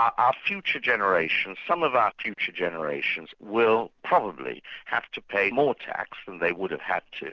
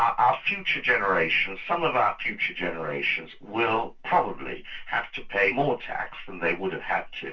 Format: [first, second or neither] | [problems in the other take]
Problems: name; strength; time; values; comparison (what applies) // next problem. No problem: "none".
first | room echo; dies away in 0.2 s